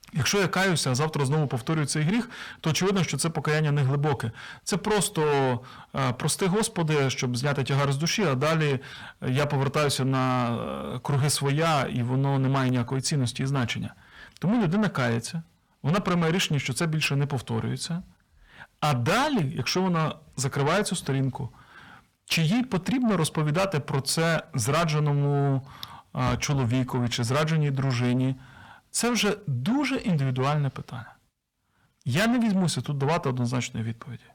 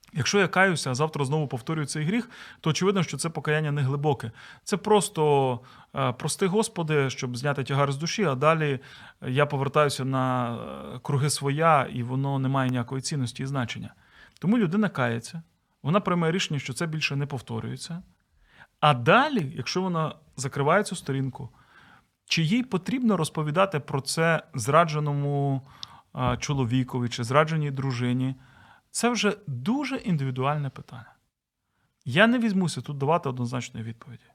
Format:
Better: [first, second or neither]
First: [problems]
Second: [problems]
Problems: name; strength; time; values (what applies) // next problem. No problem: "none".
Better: second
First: distortion; heavy; 6 dB below the speech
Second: none